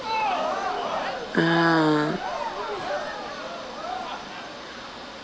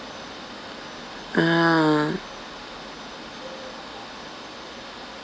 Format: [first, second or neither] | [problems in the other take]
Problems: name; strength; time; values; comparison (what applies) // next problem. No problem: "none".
second | background sound (Crowd); 3 dB below the speech